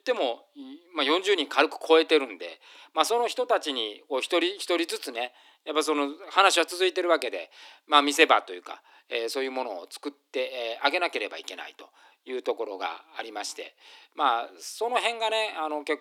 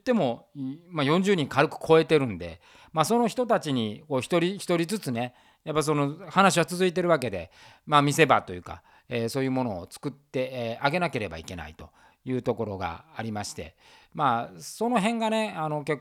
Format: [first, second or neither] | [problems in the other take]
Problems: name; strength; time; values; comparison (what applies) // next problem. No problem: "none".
second | thin; somewhat; fading below 300 Hz